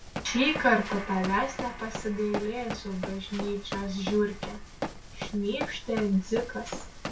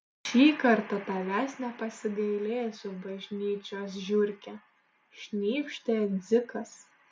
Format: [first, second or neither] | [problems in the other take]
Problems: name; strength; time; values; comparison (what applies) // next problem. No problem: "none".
second | background sound (Run); 8 dB below the speech // room echo; dies away in 0.2 s